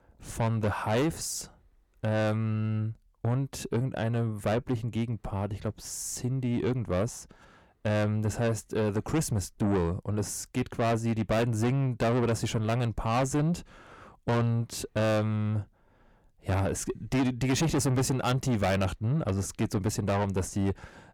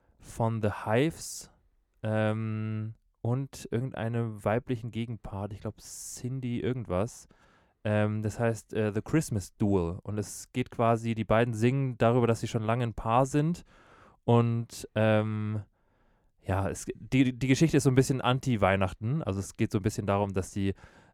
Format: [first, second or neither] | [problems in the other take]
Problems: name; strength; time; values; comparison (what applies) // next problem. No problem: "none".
second | distortion; heavy; 6 dB below the speech